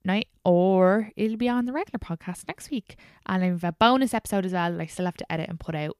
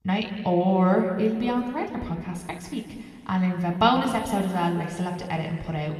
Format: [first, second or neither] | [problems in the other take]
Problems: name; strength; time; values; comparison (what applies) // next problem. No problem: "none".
first | room echo; noticeable; dies away in 2 s // off-mic speech; somewhat distant